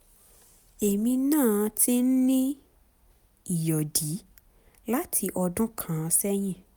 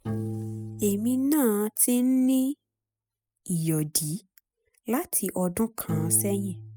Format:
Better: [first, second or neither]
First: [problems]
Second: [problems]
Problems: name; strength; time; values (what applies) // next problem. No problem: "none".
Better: first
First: none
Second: noise reduction (classical method spectral subtraction)